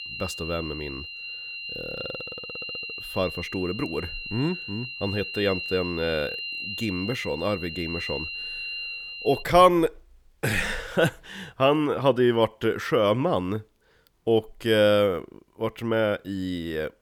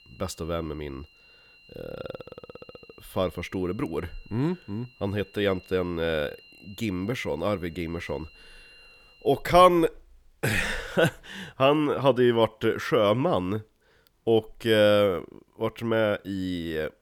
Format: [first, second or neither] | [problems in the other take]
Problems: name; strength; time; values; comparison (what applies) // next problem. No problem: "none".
second | high-pitched whine; loud; until 9.5 s; 3 kHz, 7 dB below the speech; faint in the second